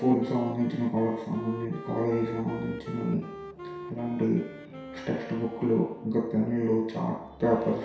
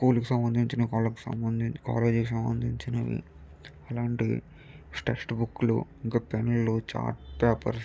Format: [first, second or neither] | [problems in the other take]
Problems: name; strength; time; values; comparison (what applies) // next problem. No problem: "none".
second | background sound (Wind instrument, woodwind instrument); 14 dB below the speech // room echo; dies away in 0.7 s